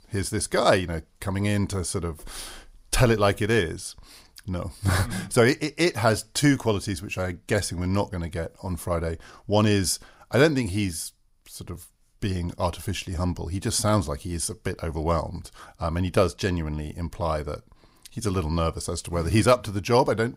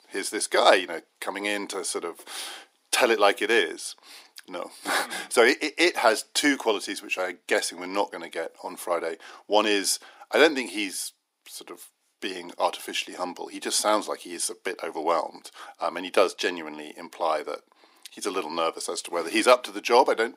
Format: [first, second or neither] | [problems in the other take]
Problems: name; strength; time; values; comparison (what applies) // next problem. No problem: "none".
first | thin; somewhat; fading below 300 Hz